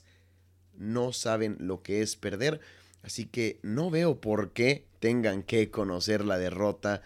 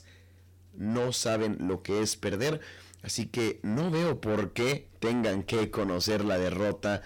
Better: first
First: none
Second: distortion; heavy; 7 dB below the speech

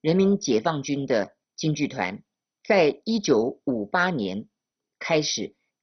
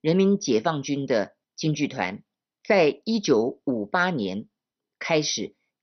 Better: second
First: garbled, watery; badly; nothing above 6 kHz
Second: garbled, watery; slightly; nothing above 6 kHz

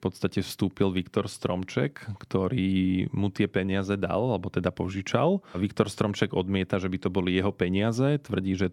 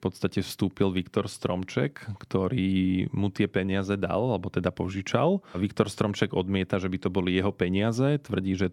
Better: neither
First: none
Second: none

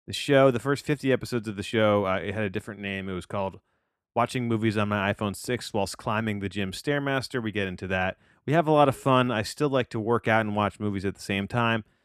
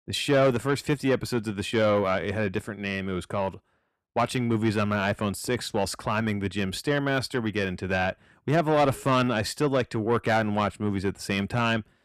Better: first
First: none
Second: distortion; slight; 10 dB below the speech

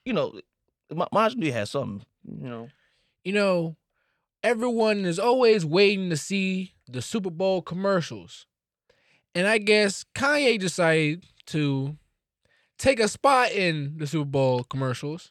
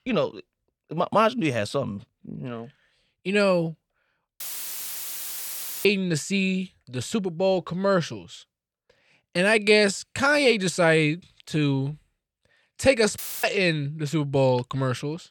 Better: first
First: none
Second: audio cutting out; filled with static; at 4.5 s for 1.5 s and at 13 s

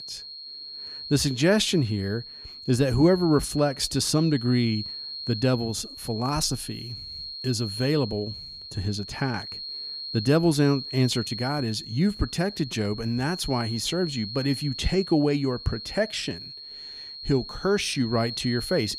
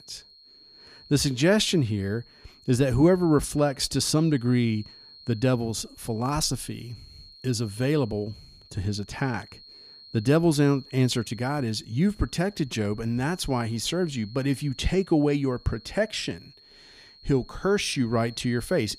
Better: second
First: high-pitched whine; loud; throughout; 4 kHz, 10 dB below the speech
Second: high-pitched whine; faint; throughout; 4 kHz, 25 dB below the speech

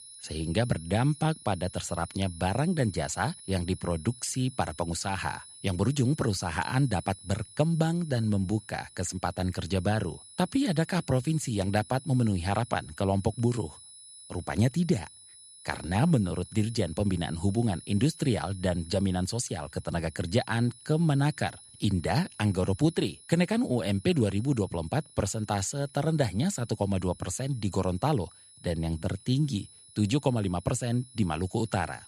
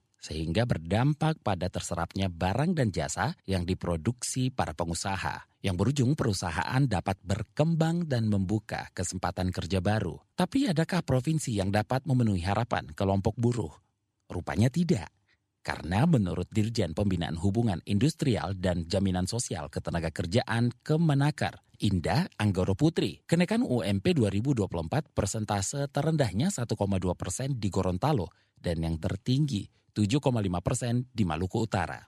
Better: second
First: high-pitched whine; noticeable; throughout; 10.5 kHz, 20 dB below the speech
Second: none

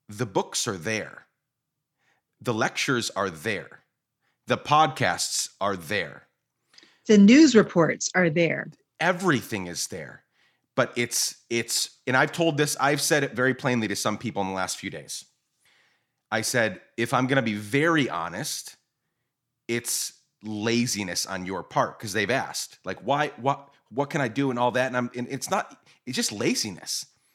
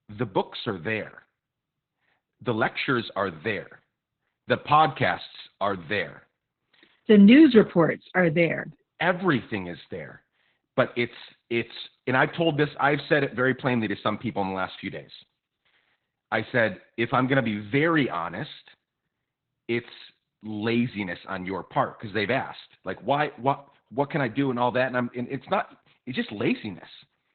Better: first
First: none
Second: garbled, watery; badly; nothing above 4 kHz

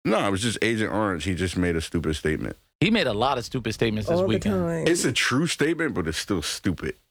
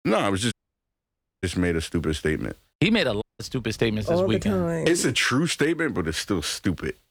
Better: first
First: none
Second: audio cutting out; at 0.5 s for 1 s and at 3 s

